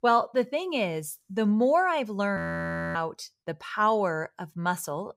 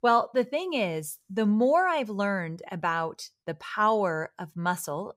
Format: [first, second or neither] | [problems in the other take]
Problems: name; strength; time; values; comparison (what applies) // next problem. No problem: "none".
second | audio freezing; at 2.5 s for 0.5 s